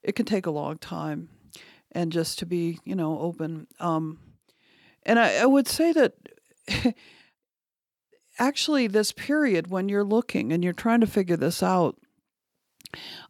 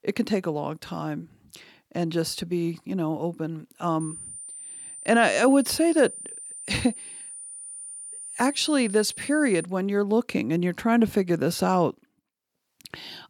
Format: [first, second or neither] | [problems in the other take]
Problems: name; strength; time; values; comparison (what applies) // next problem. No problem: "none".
first | high-pitched whine; noticeable; from 4 to 9.5 s; 9 kHz, 10 dB below the speech